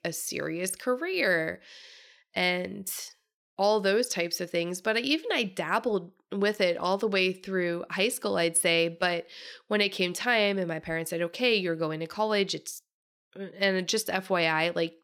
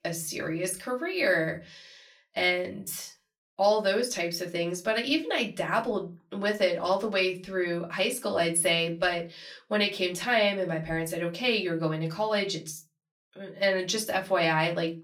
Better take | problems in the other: first | off-mic speech; far // room echo; very slight; dies away in 0.2 s

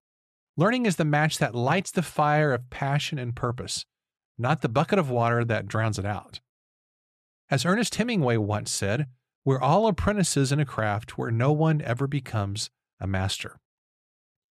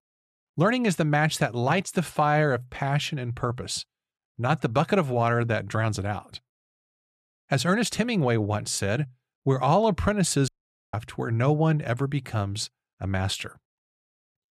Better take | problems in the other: first | audio cutting out; at 10 s

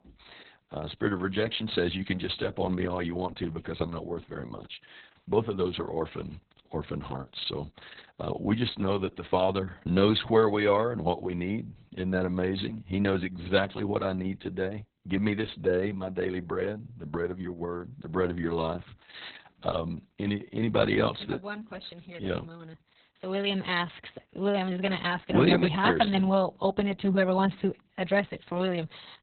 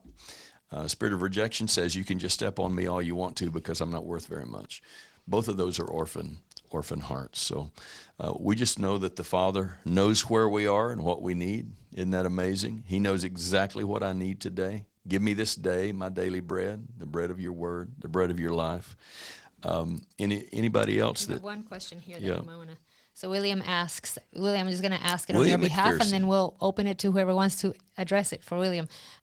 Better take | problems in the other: second | garbled, watery; badly; nothing above 4 kHz; slightly in the second

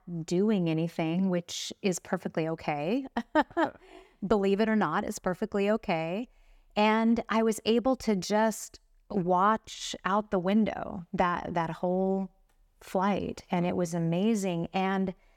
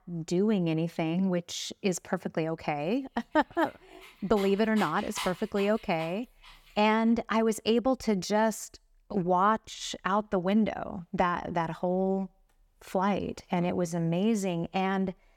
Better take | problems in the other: first | dog barking; noticeable; from 3.5 to 6.5 s; peak 8 dB below the speech

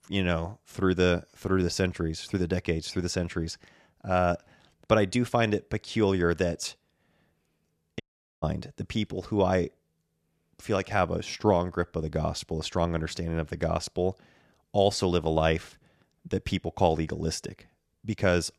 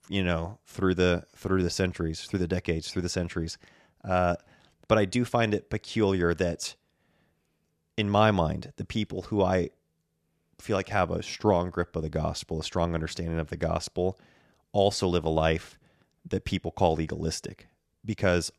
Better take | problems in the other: second | audio cutting out; at 8 s

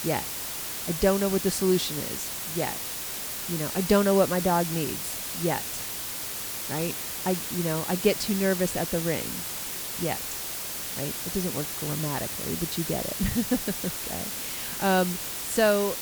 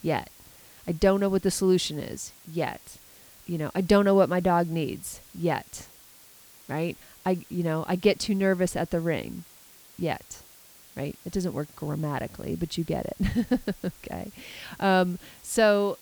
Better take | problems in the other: second | hiss; loud; throughout; 3 dB below the speech; faint in the second

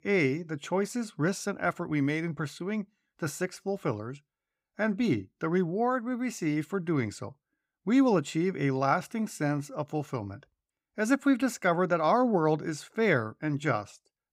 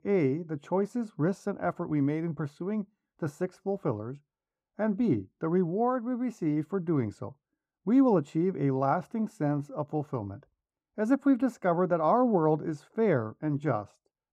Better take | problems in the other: first | muffled; slightly; fading above 1 kHz

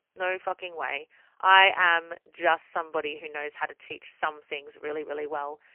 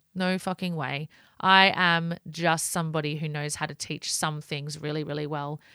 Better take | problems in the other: second | phone-call audio; poor line; nothing above 3 kHz

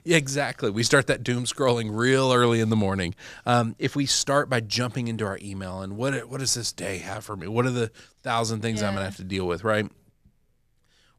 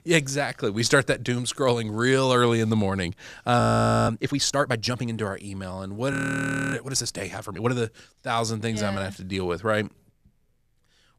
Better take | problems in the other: first | audio freezing; at 3.5 s and at 6 s for 0.5 s

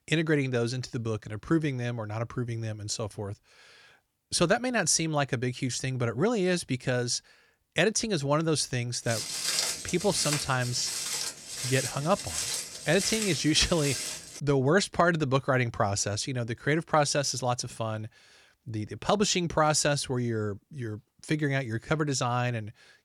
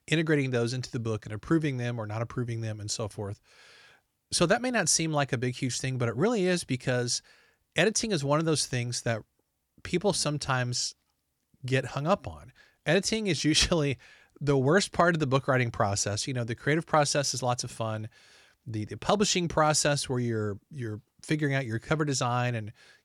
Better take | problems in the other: second | footsteps; loud; from 9 to 14 s; peak 2 dB above the speech

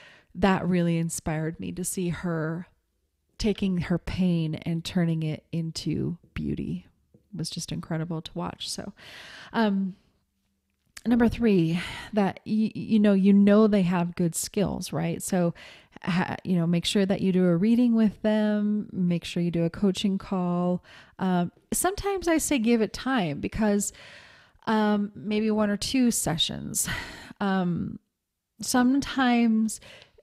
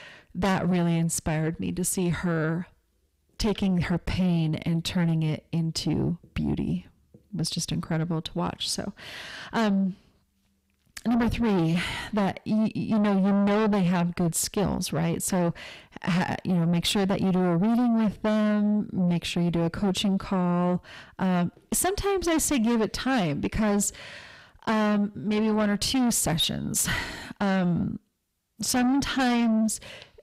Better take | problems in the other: first | distortion; heavy; 7 dB below the speech

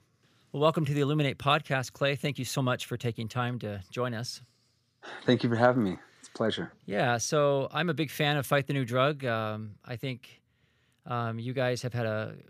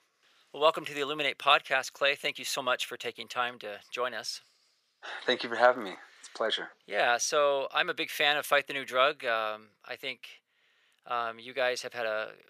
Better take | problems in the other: first | thin; very; fading below 600 Hz

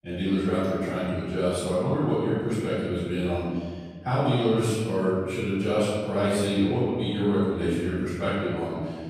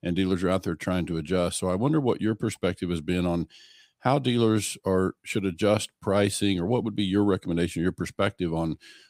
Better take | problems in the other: second | off-mic speech; far // room echo; strong; dies away in 1.6 s

